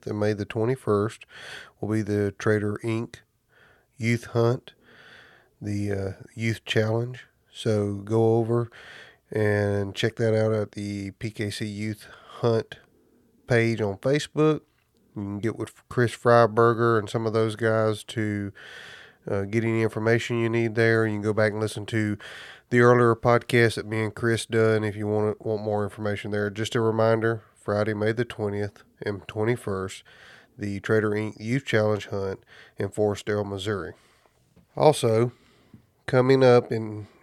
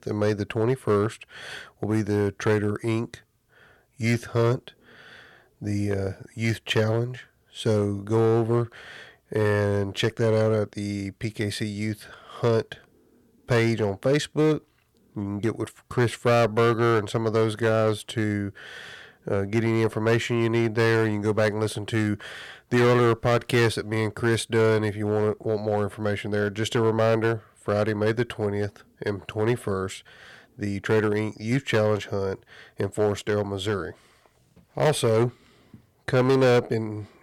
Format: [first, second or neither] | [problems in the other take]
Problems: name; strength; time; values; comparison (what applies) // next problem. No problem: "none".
first | distortion; slight; 4% of the sound clipped